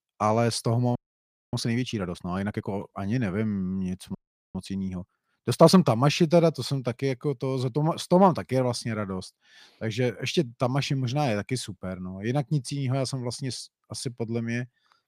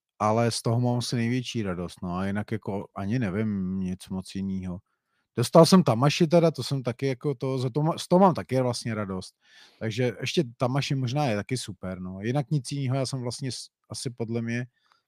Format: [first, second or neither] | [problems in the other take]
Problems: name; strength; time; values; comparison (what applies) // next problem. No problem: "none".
second | audio freezing; at 1 s for 0.5 s and at 4 s